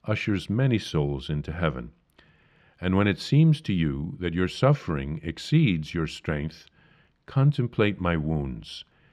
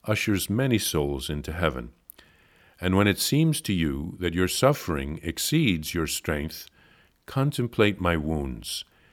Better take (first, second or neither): second